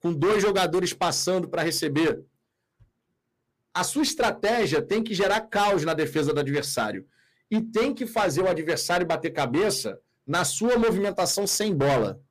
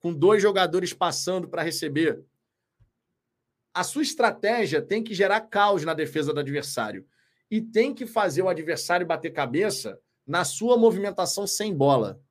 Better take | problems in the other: second | distortion; heavy; 14% of the sound clipped

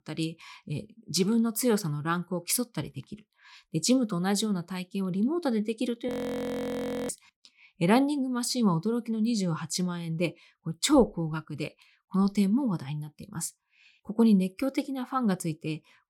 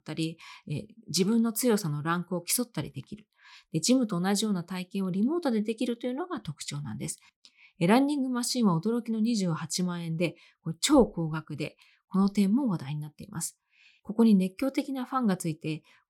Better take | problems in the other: second | audio freezing; at 6 s for 1 s

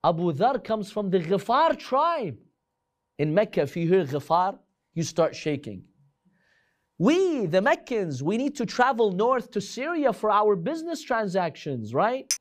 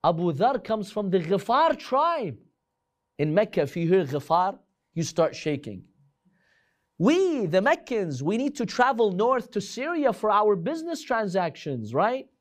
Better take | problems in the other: second | clattering dishes; noticeable; at 12 s; peak 5 dB below the speech

